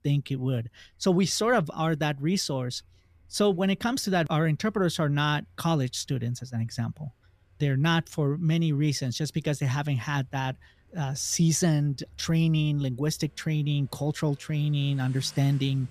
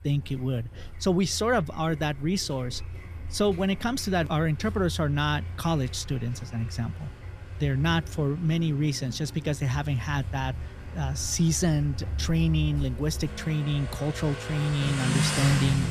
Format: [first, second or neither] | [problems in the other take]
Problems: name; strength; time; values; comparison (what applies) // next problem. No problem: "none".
first | traffic noise; loud; throughout; 8 dB below the speech; faint in the first